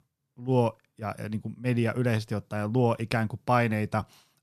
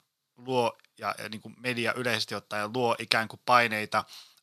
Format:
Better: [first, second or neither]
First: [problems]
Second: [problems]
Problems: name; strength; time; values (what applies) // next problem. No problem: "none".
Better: first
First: none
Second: thin; somewhat; fading below 1 kHz